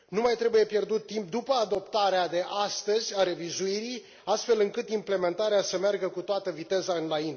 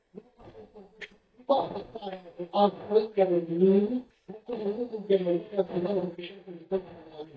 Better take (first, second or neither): first